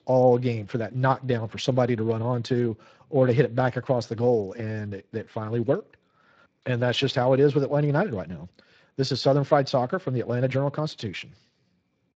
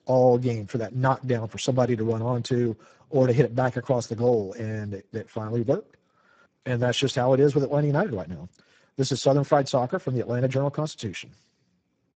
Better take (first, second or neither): first